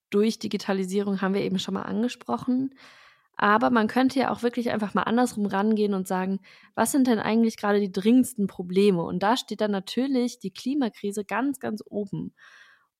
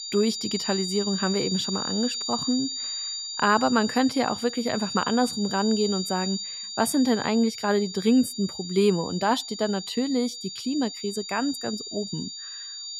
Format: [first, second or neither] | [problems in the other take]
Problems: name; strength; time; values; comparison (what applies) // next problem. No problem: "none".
first | high-pitched whine; loud; throughout; 4.5 kHz, 6 dB below the speech